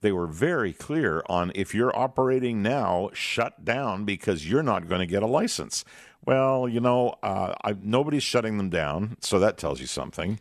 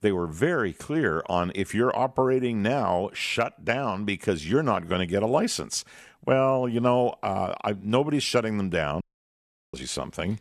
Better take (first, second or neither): first